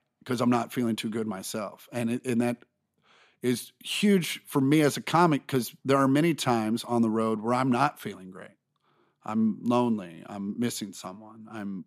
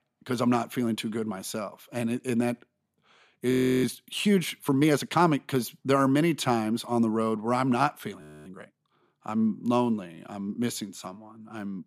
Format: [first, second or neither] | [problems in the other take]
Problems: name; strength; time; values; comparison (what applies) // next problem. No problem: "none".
first | audio freezing; at 3.5 s and at 8 s